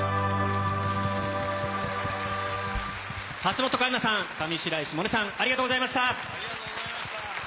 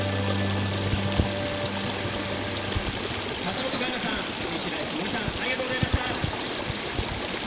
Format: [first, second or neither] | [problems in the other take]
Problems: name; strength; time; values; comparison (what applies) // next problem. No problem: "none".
first | background sound (Stream); 1 dB above the speech // room echo; dies away in 1 s